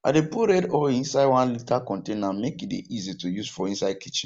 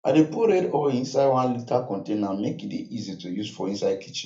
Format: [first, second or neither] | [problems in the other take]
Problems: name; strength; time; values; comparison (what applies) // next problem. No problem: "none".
first | room echo; dies away in 0.3 s